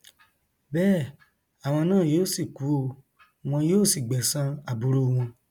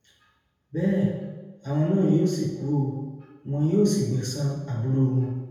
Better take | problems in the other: first | room echo; dies away in 1.2 s

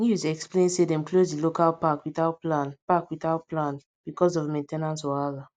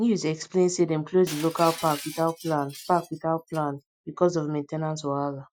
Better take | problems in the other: first | noise reduction (classical method Wiener filter)

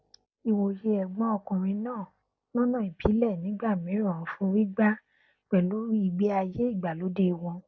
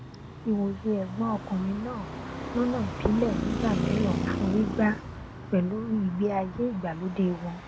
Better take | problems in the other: first | background sound (Traffic noise, roadway noise); 5 dB below the speech

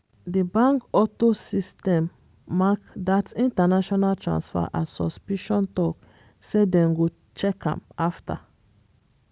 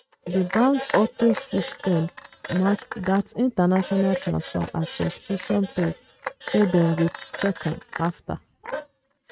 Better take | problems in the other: first | noise reduction (neural mask model RNNoise)

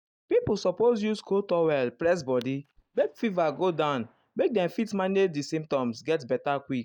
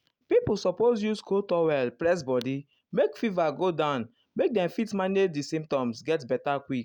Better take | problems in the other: second | noise reduction (neural mask model DeepFilterNet 3)

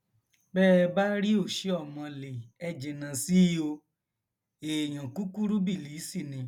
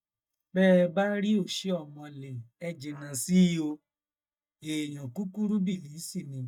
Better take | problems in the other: first | noise reduction (neural mask model DeepFilterNet 3)

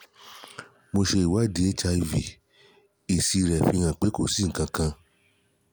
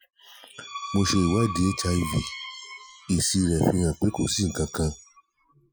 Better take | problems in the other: first | noise reduction (classical method Wiener filter)

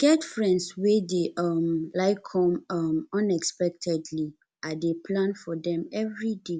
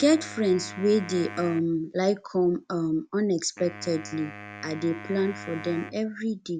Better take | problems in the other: first | background sound (Wind instrument, woodwind instrument); 16 dB below the speech

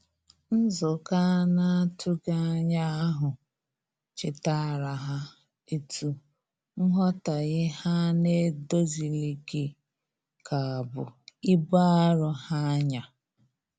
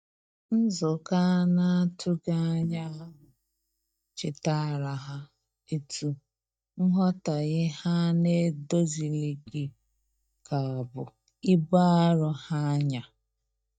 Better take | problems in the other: first | noise reduction (neural mask model DeepFilterNet 3)

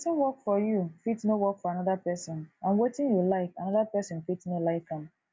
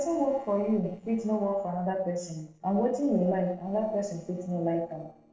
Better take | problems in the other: first | noise reduction (neural separator model SepFormer DNS4)

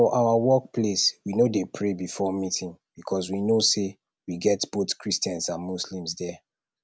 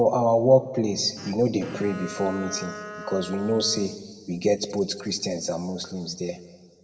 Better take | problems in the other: first | background sound (Bowed string instrument); 14 dB below the speech // room echo; dies away in 1.6 s

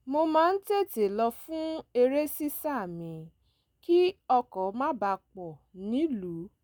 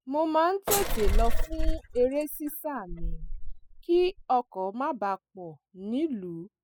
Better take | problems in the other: first | noise reduction (classical method spectral subtraction)

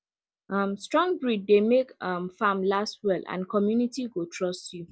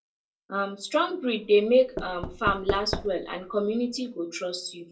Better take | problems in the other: first | background sound (Knock / Wood); 9 dB below the speech // room echo; dies away in 0.2 s

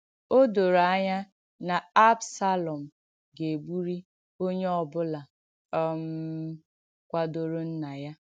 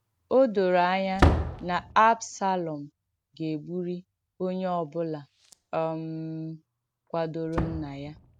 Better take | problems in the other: first | background sound (Slam); 5 dB below the speech

